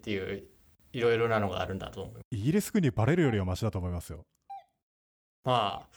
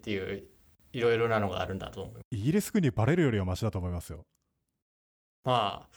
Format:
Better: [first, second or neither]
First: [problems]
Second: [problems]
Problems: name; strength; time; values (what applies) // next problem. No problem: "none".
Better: second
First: doorbell; faint; from 3 s on; peak 20 dB below the speech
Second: none